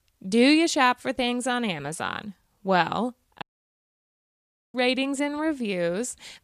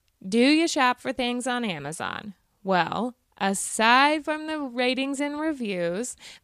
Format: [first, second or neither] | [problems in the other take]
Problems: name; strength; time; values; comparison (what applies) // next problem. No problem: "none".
second | audio cutting out; at 3.5 s for 1.5 s